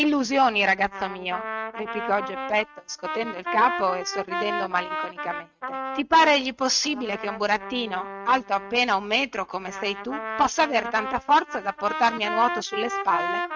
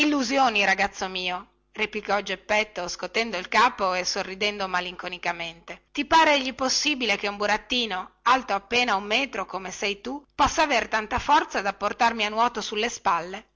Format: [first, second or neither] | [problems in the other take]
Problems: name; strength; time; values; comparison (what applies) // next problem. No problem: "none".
second | noise reduction (neural mask model RNNoise)